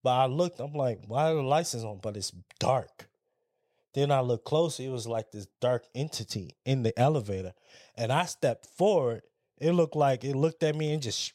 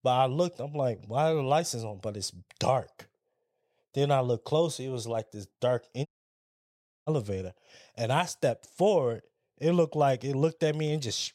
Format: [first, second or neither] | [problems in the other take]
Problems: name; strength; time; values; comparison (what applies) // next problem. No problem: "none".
first | audio cutting out; at 6 s for 1 s